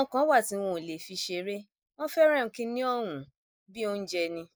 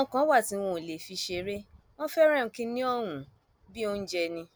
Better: second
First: noise reduction (neural mask model Resemble Enhance denoiser)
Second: none

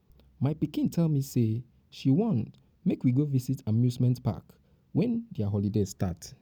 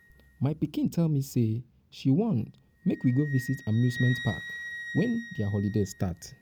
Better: first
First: none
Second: background sound (Wind instrument, woodwind instrument); 15 dB below the speech

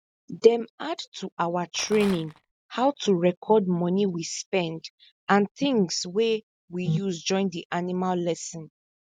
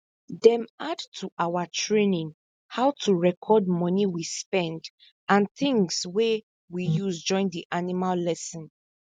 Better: second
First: background sound (Rattle); 15 dB below the speech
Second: none

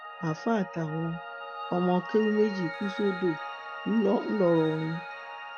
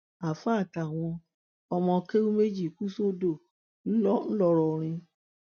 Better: second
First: background sound (Piano); 10 dB below the speech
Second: none

